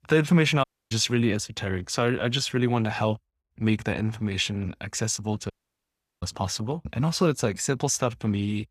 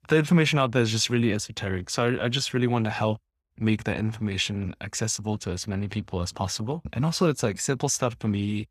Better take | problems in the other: second | audio cutting out; at 0.5 s and at 5.5 s for 0.5 s

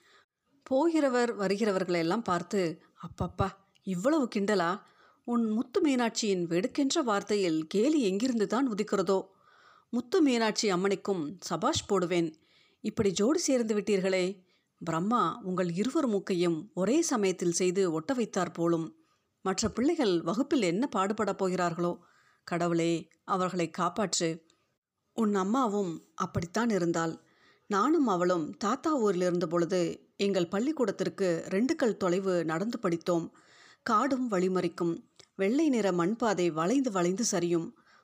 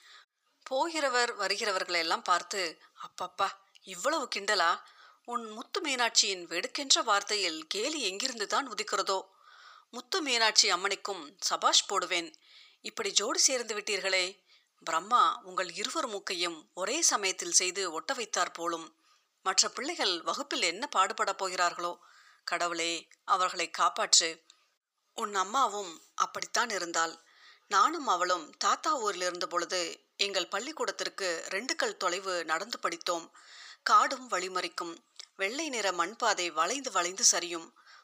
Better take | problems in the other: first | thin; very; fading below 900 Hz

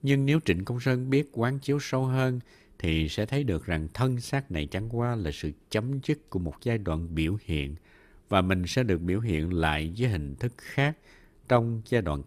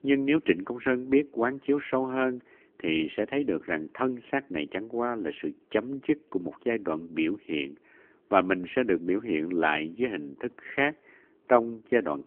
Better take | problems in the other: first | phone-call audio; nothing above 3 kHz

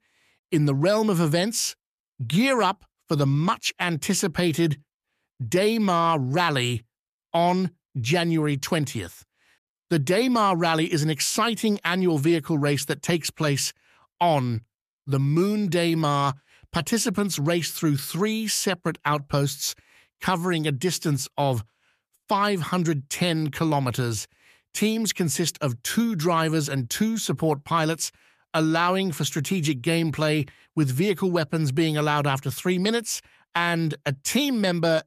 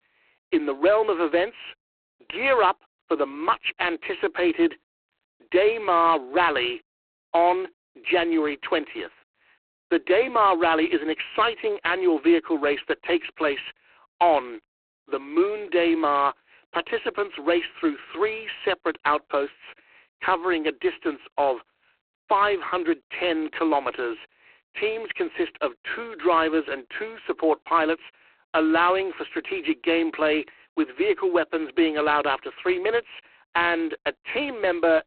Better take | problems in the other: first | phone-call audio; poor line; nothing above 4 kHz

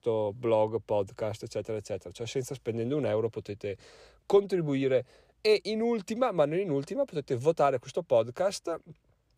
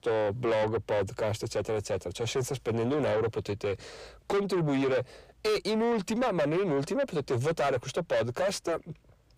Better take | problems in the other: first | distortion; heavy; 5 dB below the speech

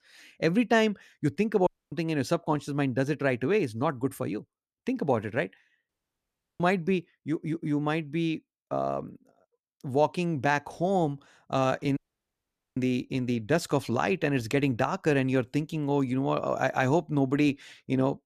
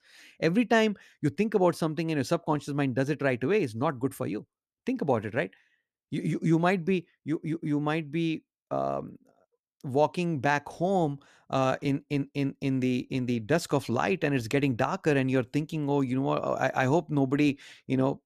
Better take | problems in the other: second | audio cutting out; at 1.5 s, at 6 s for 0.5 s and at 12 s for 1 s

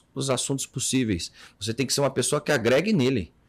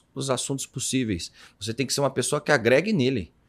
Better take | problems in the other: second | distortion; slight; 4% of the sound clipped

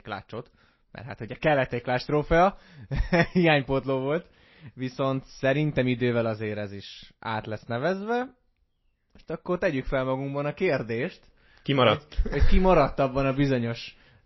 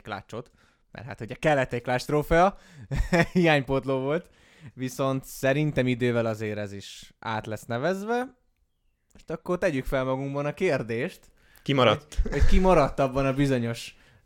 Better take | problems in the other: second | garbled, watery; slightly; nothing above 5.5 kHz

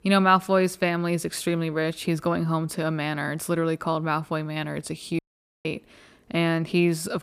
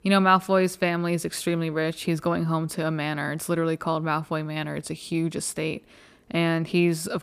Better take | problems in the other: second | audio cutting out; at 5 s

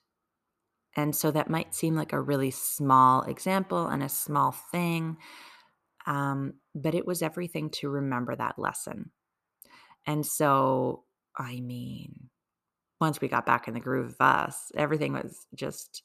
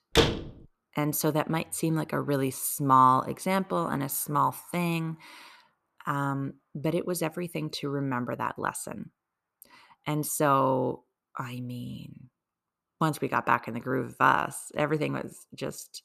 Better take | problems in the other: first | door banging; loud; at the start; peak 4 dB above the speech

